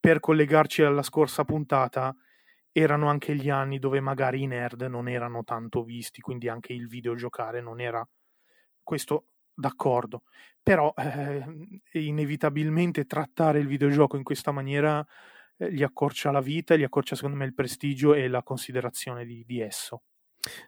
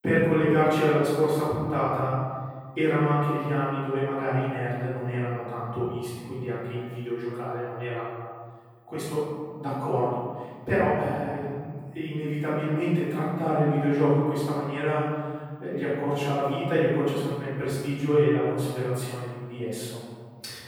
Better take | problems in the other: first | off-mic speech; far // room echo; strong; dies away in 1.7 s

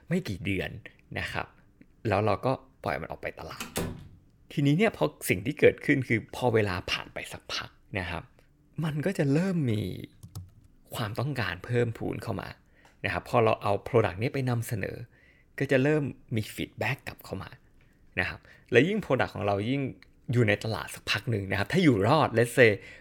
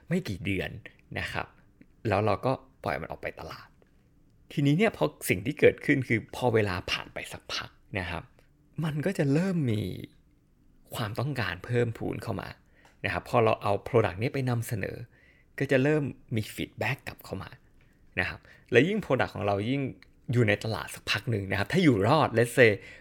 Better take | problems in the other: second | door banging; noticeable; at 3.5 s; peak 6 dB below the speech // keyboard typing; faint; at 10 s; peak 20 dB below the speech

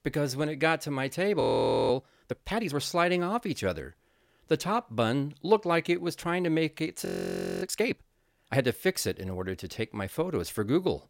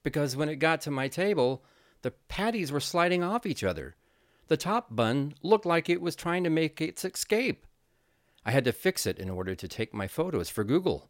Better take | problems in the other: second | audio freezing; at 1.5 s and at 7 s for 0.5 s

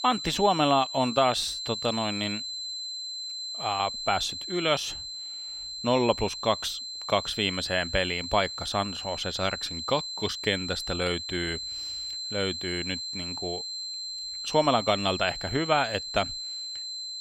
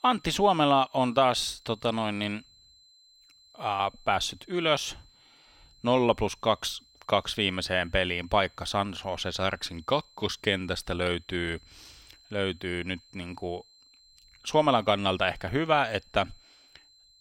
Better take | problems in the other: second | high-pitched whine; loud; throughout; 4 kHz, 5 dB below the speech; faint in the second

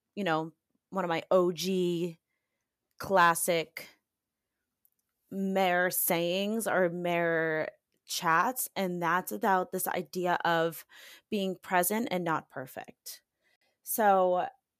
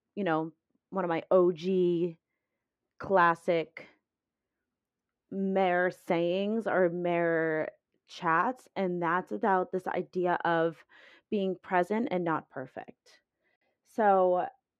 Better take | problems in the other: first | muffled; very; fading above 2.5 kHz

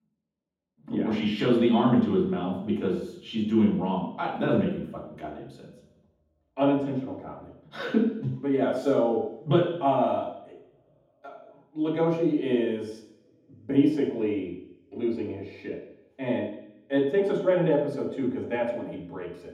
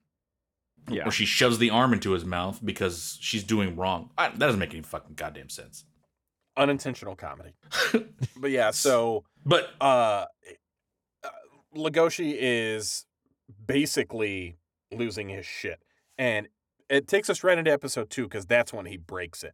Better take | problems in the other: second | room echo; strong; dies away in 0.9 s // off-mic speech; far

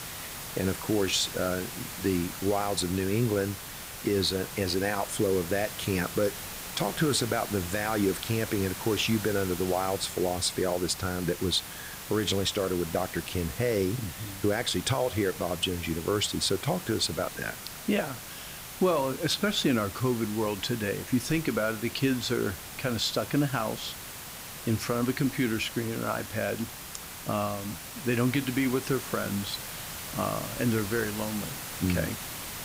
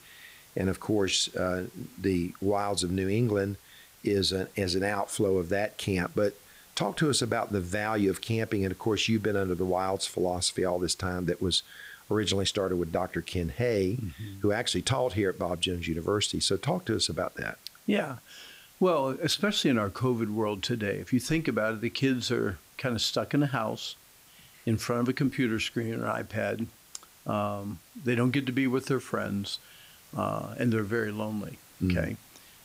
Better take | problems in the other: second | hiss; loud; throughout; 9 dB below the speech; faint in the second

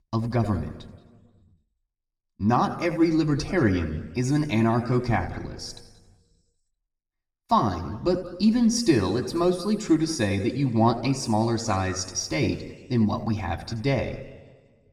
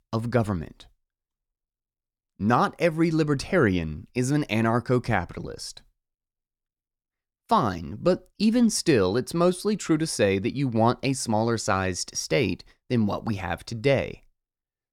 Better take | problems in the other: second | room echo; slight; dies away in 1.2 s // off-mic speech; somewhat distant

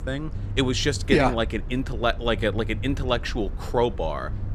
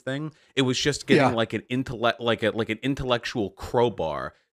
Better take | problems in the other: second | low rumble; faint; throughout; 20 dB below the speech

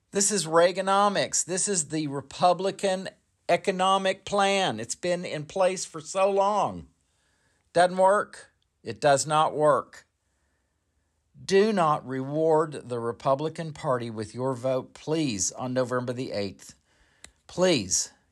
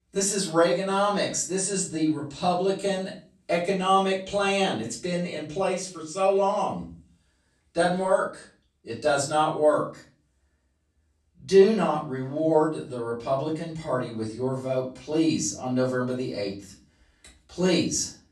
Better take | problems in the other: first | room echo; slight; dies away in 0.4 s // off-mic speech; far

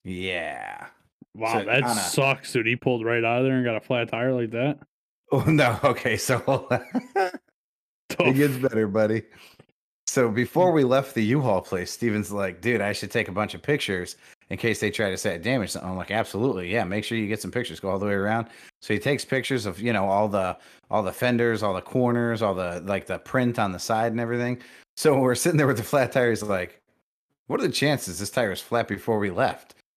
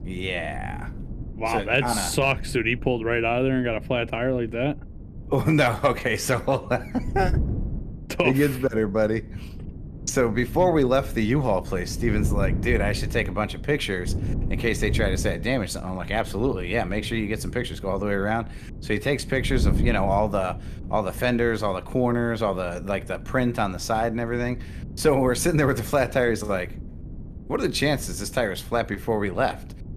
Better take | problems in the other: first | wind noise on the microphone; occasional gusts; 20 dB below the speech

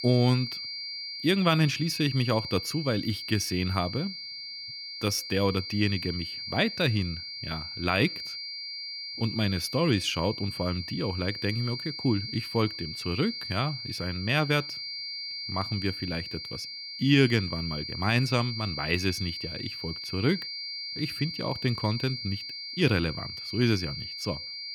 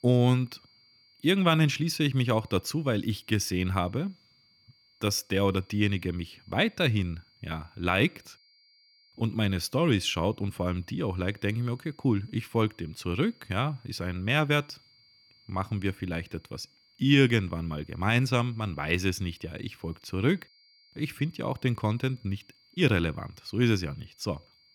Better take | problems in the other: second | high-pitched whine; loud; throughout; 4.5 kHz, 6 dB below the speech; faint in the second

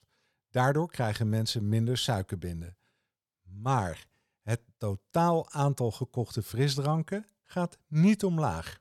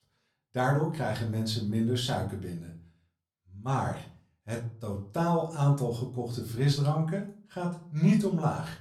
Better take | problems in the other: first | off-mic speech; far // room echo; slight; dies away in 0.3 s

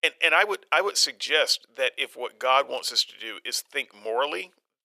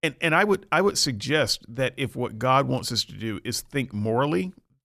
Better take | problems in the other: second | thin; very; fading below 500 Hz

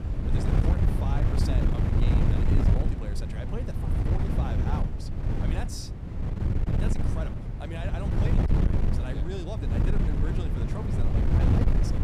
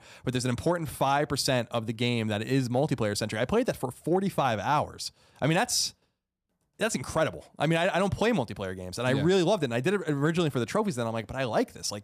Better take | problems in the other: second | wind noise on the microphone; heavy; 4 dB above the speech

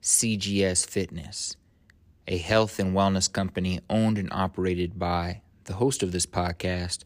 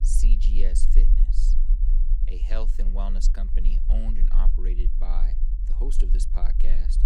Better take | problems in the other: first | low rumble; loud; throughout; 8 dB below the speech

